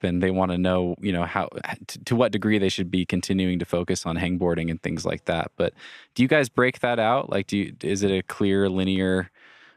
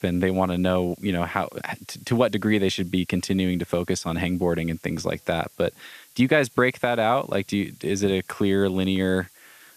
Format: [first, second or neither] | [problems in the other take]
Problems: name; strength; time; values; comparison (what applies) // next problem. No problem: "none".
first | hiss; faint; throughout; 25 dB below the speech